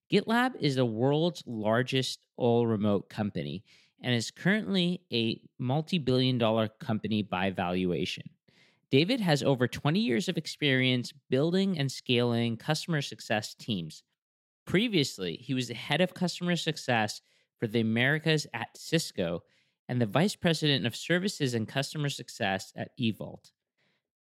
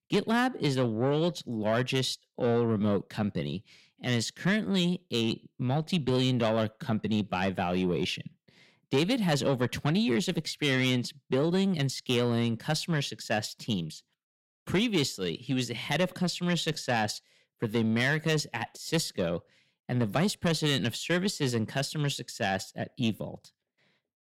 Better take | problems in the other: first | distortion; slight; 10 dB below the speech

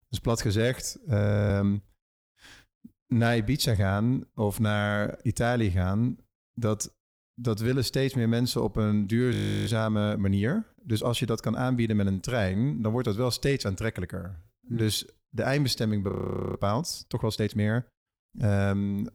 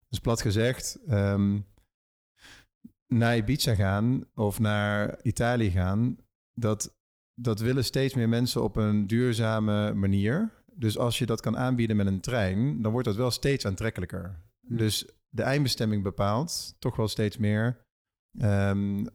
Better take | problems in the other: second | audio freezing; at 1 s, at 9.5 s and at 16 s

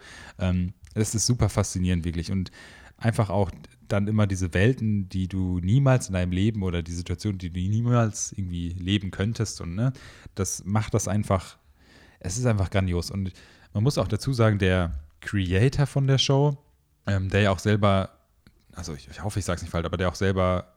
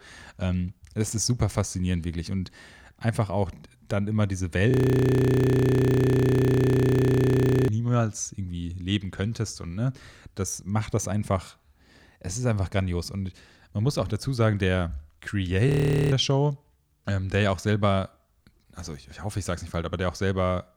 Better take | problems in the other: first | audio freezing; at 4.5 s for 3 s and at 16 s

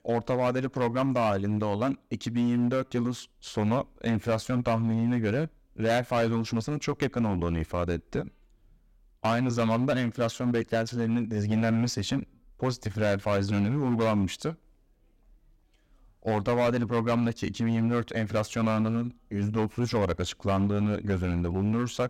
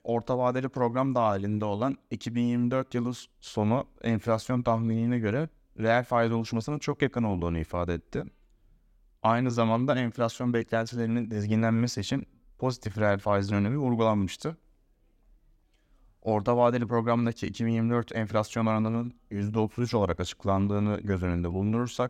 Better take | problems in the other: second | distortion; slight; 9% of the sound clipped

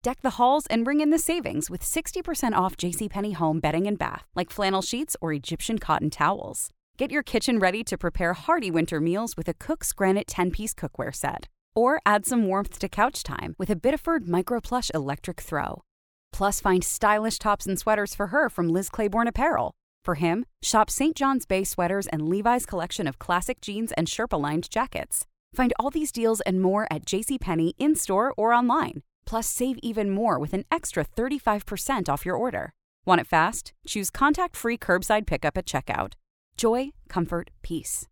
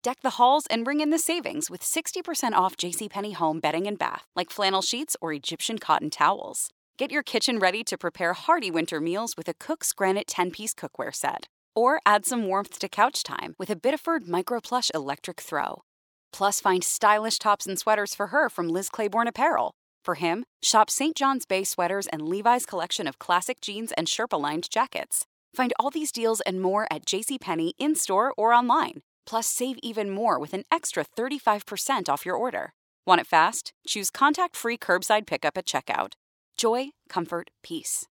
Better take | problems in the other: first | thin; very slightly; fading below 250 Hz

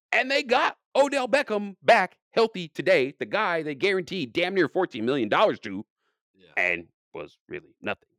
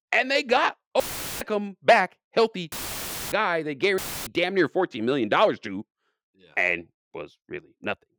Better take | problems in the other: first | audio cutting out; filled with static; at 1 s, at 2.5 s for 0.5 s and at 4 s

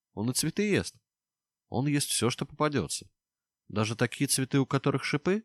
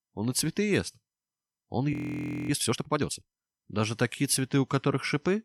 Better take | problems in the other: first | audio freezing; at 2 s for 0.5 s

